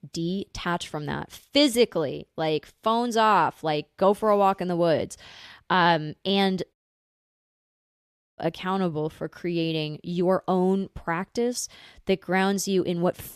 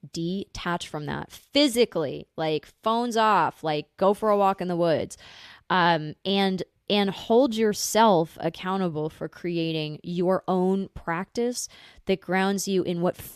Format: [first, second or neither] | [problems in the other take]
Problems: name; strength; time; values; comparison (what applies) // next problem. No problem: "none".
second | audio cutting out; at 6.5 s for 1.5 s